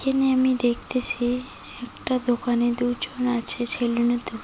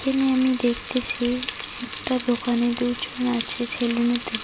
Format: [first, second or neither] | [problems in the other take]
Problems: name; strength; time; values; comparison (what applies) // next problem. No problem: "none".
first | background sound (Frying (food)); 12 dB below the speech